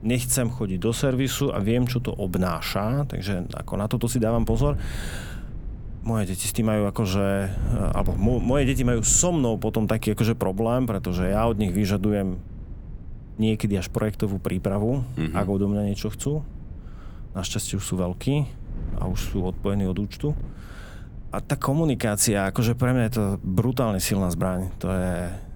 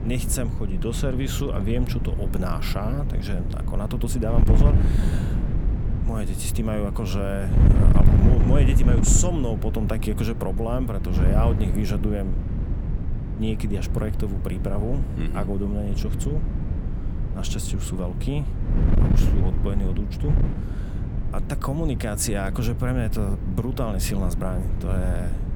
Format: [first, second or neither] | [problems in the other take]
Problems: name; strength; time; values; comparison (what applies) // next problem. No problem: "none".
first | wind noise on the microphone; heavy; 5 dB below the speech; occasional gusts in the first